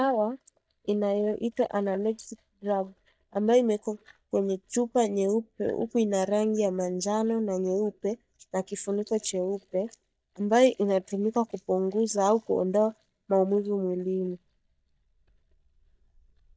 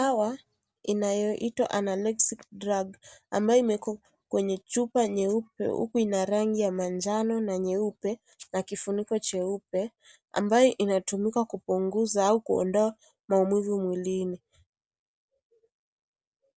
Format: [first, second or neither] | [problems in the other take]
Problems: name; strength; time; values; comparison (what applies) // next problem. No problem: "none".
second | noise reduction (neural mask model DeepFilterNet 3)